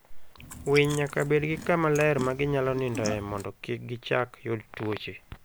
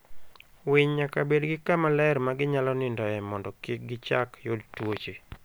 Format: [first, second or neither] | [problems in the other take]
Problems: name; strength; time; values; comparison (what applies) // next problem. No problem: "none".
second | background sound (Chewing, mastication); 12 dB below the speech